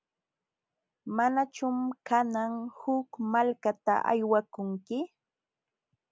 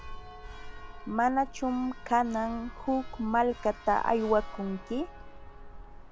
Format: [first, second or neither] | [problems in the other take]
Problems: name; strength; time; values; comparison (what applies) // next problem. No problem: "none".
first | background sound (Church bell); 11 dB below the speech